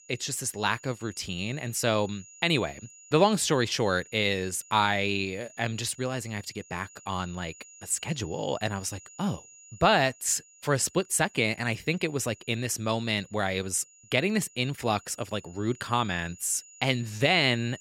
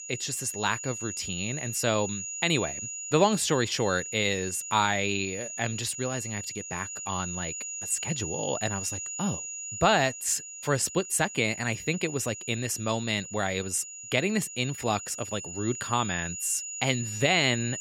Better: first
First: high-pitched whine; faint; throughout; 7 kHz, 20 dB below the speech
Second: high-pitched whine; loud; throughout; 7 kHz, 7 dB below the speech

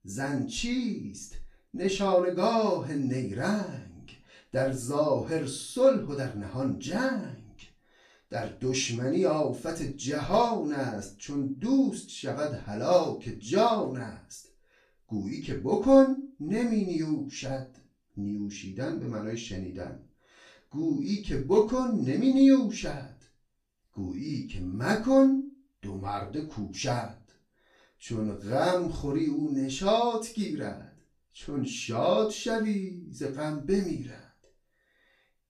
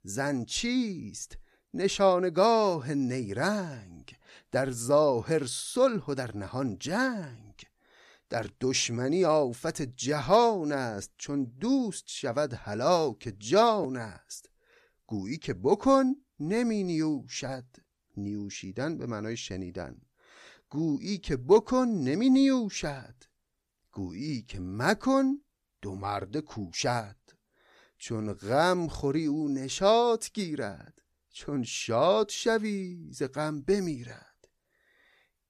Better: second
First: off-mic speech; far // room echo; slight; dies away in 0.3 s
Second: none

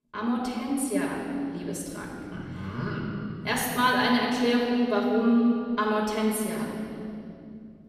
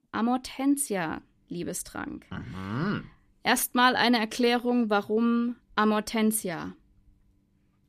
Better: second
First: off-mic speech; far // room echo; noticeable; dies away in 2.7 s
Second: none

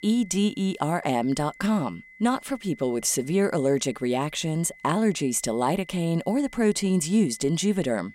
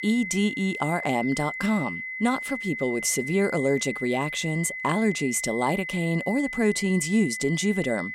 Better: first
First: high-pitched whine; faint; throughout; 2 kHz, 25 dB below the speech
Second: high-pitched whine; loud; throughout; 2 kHz, 6 dB below the speech

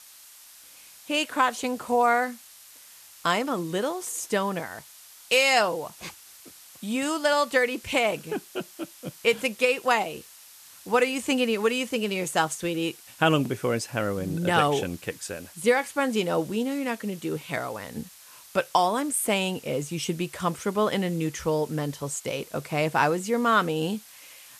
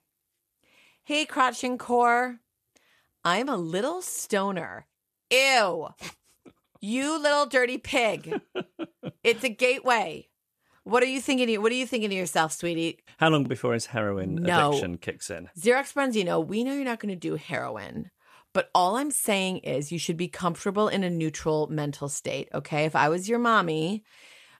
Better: second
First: hiss; faint; throughout; 20 dB below the speech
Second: none

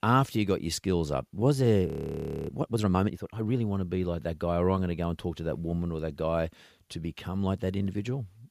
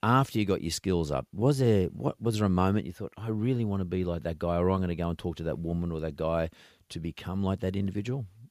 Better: second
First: audio freezing; at 2 s for 0.5 s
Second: none

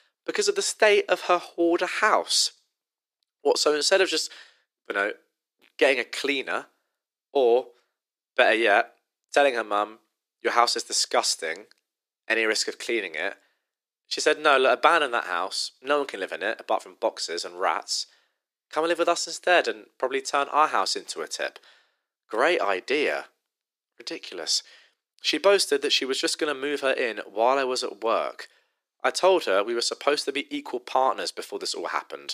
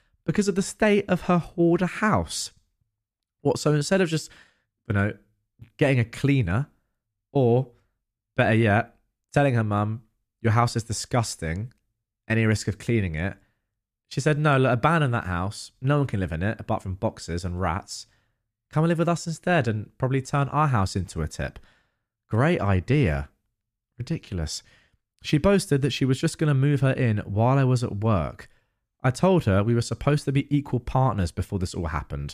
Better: second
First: thin; very; fading below 350 Hz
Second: none

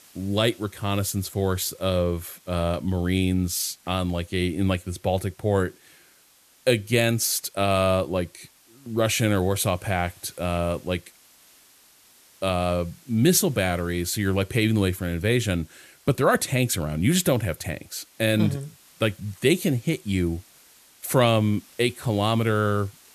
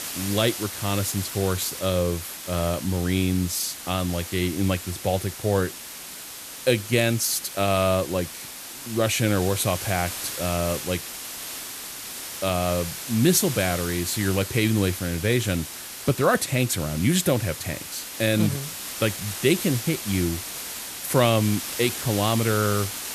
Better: first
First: hiss; faint; throughout; 30 dB below the speech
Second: hiss; loud; throughout; 8 dB below the speech

